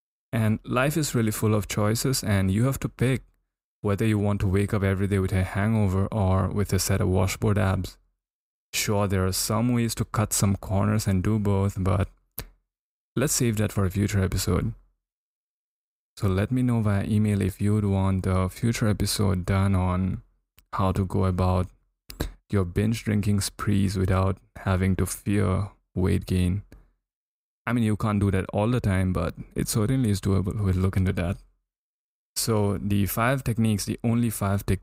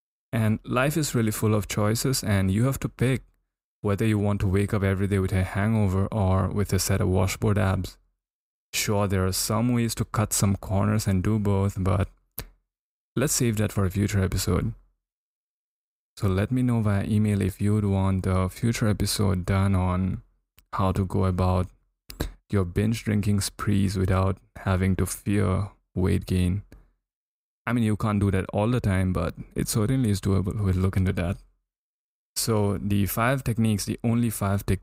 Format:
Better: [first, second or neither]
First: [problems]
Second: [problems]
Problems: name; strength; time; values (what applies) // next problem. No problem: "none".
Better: neither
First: none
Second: none